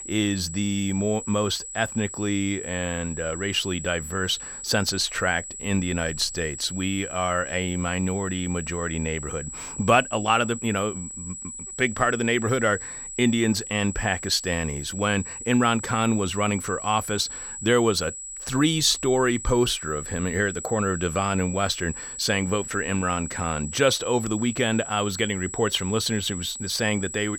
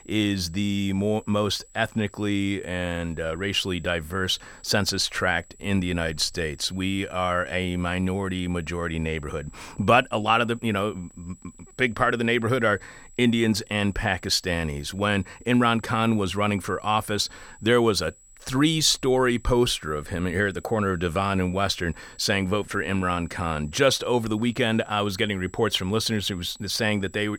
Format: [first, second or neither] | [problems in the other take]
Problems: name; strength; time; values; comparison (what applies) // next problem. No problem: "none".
second | high-pitched whine; loud; throughout; 8 kHz, 9 dB below the speech; faint in the second